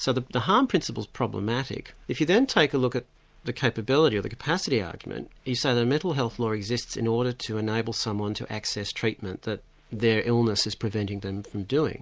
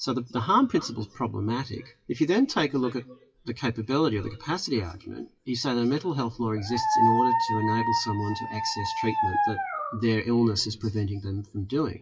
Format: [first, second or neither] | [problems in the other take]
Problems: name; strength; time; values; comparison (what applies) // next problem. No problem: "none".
first | noise reduction (classical method WPE with log-MMSE)